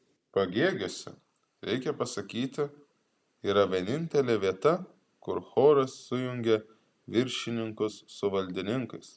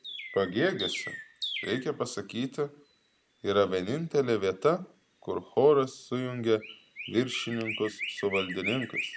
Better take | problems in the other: first | background sound (Chirp, tweet); 11 dB below the speech

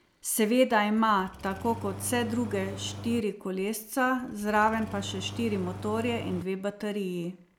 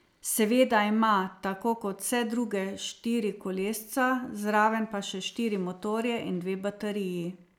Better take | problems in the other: second | background sound (Engine starting); 12 dB below the speech

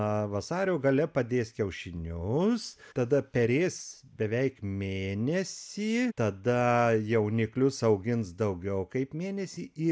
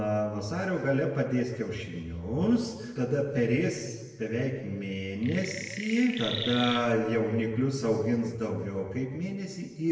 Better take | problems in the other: first | background sound (Chirp, tweet); 8 dB below the speech // room echo; dies away in 1.3 s

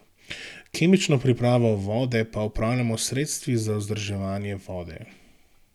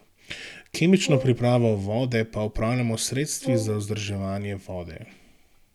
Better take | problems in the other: first | background sound (Brass instrument); 11 dB below the speech

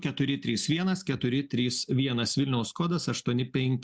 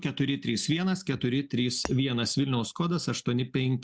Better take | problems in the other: first | background sound (Shatter); 17 dB below the speech

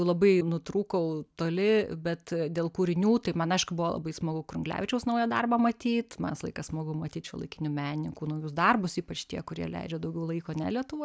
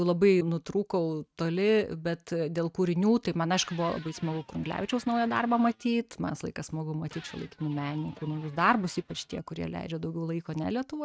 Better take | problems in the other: first | noise reduction (neural mask model RNNoise)

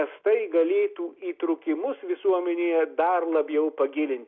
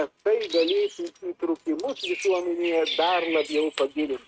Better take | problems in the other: first | noise reduction (neural mask model RNNoise)

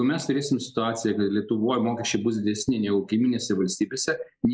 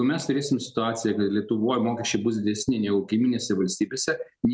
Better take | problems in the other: second | noise reduction (neural mask model Resemble Enhance denoiser)

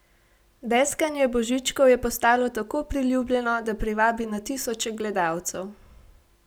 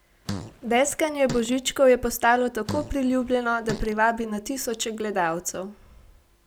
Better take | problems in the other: first | background sound (Fart); 13 dB below the speech

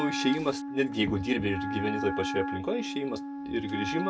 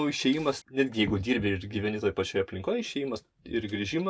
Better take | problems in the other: second | background sound (Wind instrument, woodwind instrument); 4 dB below the speech

